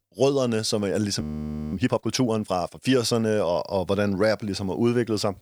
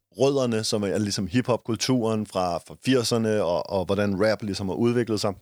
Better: second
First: audio freezing; at 1 s for 0.5 s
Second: none

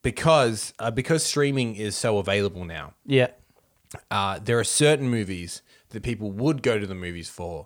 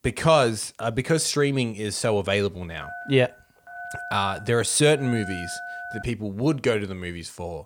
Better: first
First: none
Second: phone ringing; faint; from 3 to 6 s; peak 10 dB below the speech

